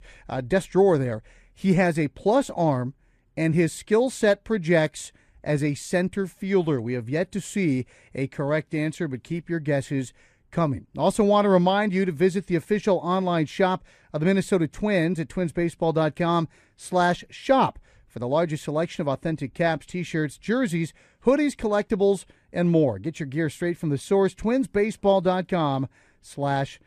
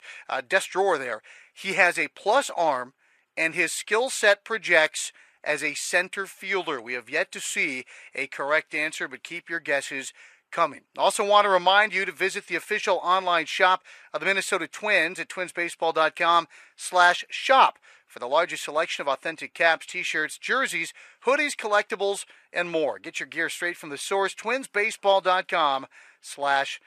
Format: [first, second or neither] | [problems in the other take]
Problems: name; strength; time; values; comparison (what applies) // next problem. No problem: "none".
first | thin; very; fading below 800 Hz